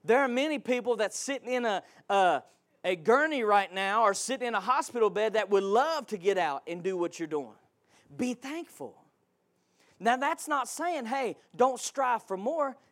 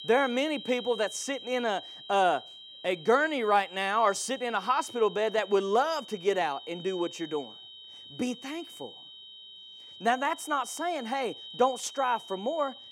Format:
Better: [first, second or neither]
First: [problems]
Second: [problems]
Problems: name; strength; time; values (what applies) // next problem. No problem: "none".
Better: first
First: none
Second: high-pitched whine; noticeable; throughout; 3 kHz, 15 dB below the speech